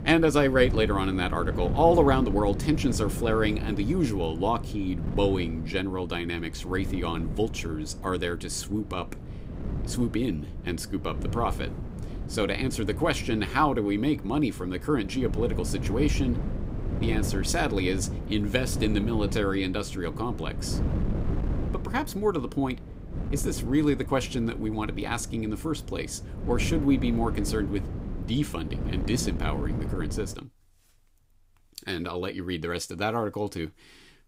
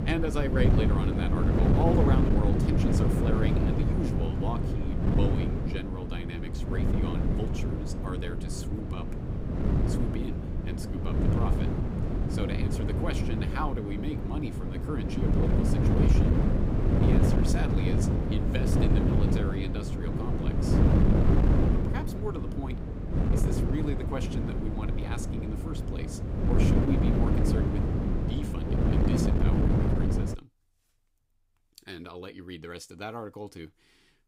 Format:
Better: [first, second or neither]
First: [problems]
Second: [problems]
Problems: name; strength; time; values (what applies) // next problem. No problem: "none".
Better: first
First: wind noise on the microphone; occasional gusts; until 30 s; 15 dB below the speech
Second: wind noise on the microphone; heavy; until 30 s; 3 dB above the speech